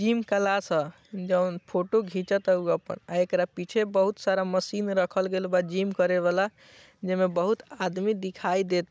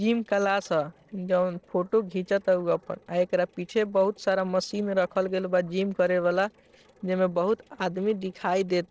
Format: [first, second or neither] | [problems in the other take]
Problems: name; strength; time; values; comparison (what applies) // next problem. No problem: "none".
first | noise reduction (neural separator model SepFormer DNS4)